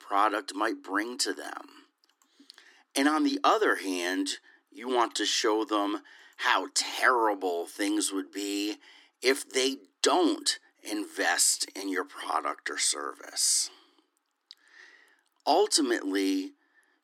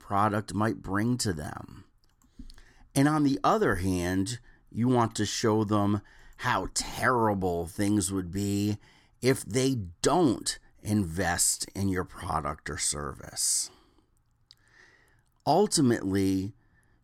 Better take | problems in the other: second | thin; very slightly; fading below 300 Hz

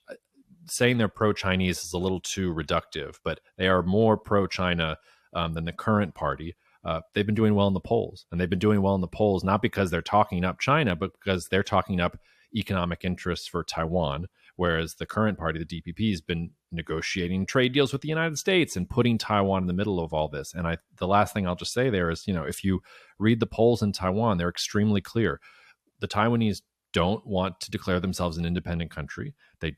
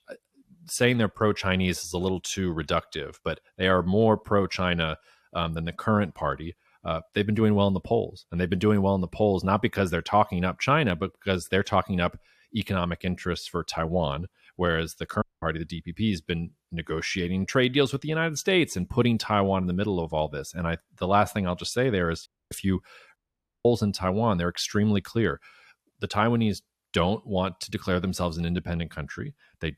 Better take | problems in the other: first | audio cutting out; at 15 s, at 22 s and at 23 s

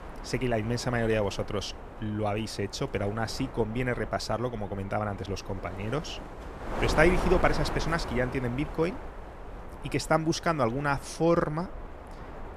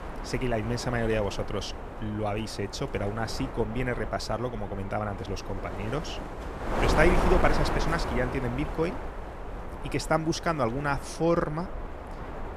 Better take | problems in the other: first | wind noise on the microphone; heavy; 5 dB below the speech; occasional gusts in the first

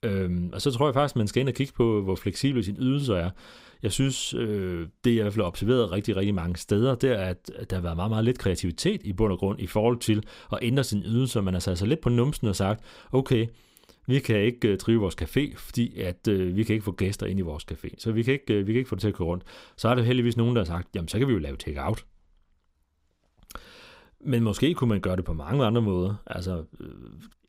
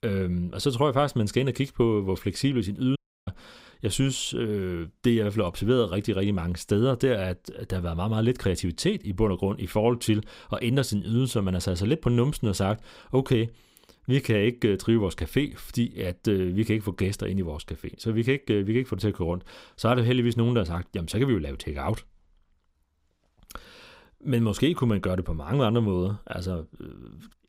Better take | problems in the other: first | audio cutting out; at 3 s

